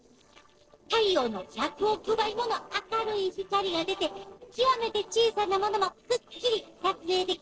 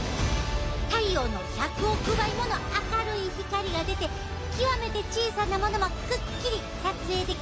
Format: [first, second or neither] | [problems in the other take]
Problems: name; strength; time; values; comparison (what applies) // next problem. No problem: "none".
second | noise reduction (neural separator model SepFormer DNS4)